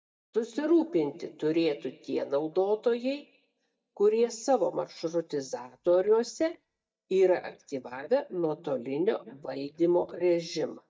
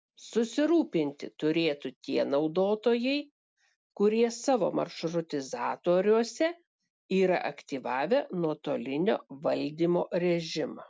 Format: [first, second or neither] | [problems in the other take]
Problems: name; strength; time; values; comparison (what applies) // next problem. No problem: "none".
second | noise reduction (neural mask model DeepFilterNet 3)